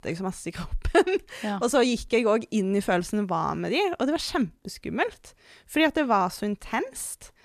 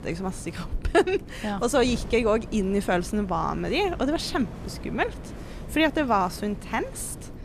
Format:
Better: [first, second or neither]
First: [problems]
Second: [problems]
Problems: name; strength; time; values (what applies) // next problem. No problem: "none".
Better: first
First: none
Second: wind noise on the microphone; occasional gusts; 20 dB below the speech